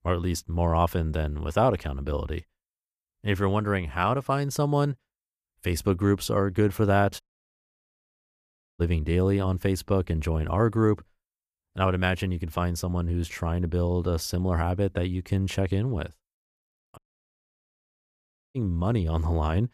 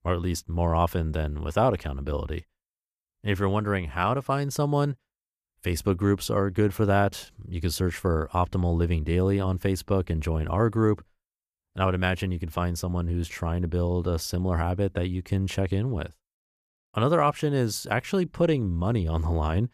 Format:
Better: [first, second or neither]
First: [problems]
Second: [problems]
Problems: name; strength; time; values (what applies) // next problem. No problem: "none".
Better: second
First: audio cutting out; at 7 s for 1.5 s and at 17 s for 1.5 s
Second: none